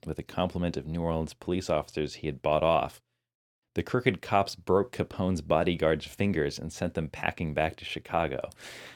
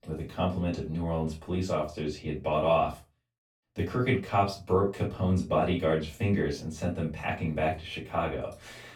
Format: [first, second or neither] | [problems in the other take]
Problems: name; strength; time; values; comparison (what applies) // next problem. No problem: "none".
first | off-mic speech; far // room echo; slight; dies away in 0.2 s